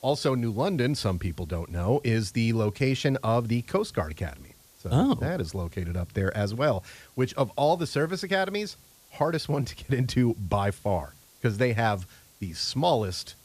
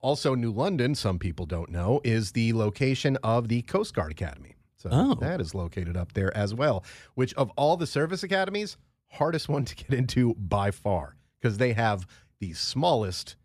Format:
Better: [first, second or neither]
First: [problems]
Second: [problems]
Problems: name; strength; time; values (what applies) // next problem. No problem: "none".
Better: second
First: hiss; faint; throughout; 25 dB below the speech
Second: none